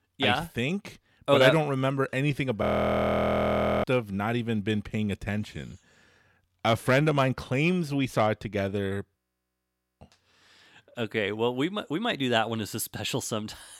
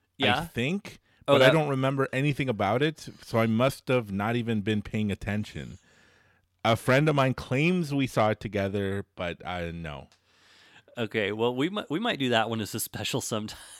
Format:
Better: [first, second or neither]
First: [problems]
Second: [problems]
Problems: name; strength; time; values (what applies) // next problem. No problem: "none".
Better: second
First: audio freezing; at 2.5 s for 1 s and at 9 s for 1 s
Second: none